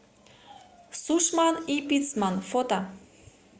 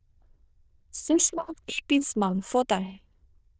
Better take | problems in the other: first | noise reduction (neural diffusion model UNIVERSE++)

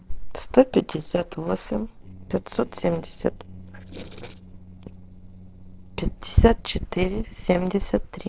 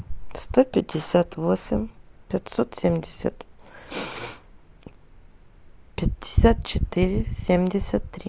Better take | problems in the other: second | noise reduction (neural separator model SepFormer DNS4)

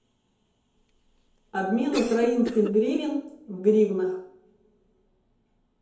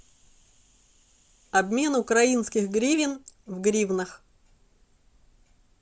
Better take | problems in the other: second | background sound (Cough); 13 dB below the speech // room echo; dies away in 2 s

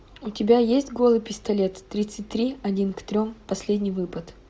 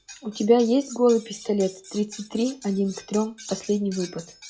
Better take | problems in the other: first | noise reduction (classical method log-MMSE)

